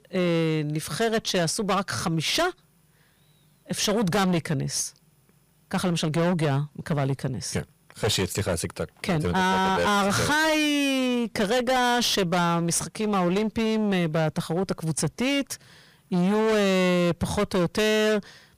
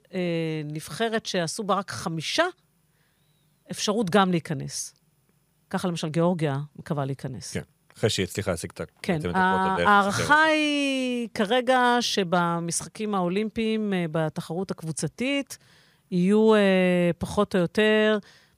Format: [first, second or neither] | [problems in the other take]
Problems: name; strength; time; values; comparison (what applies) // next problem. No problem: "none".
second | distortion; heavy; 23% of the sound clipped